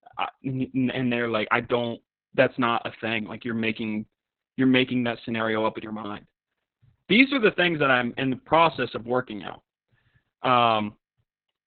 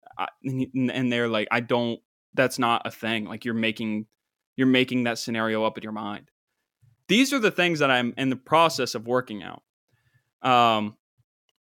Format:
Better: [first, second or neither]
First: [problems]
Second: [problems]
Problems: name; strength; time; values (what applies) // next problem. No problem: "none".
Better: second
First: garbled, watery; badly; nothing above 3.5 kHz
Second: none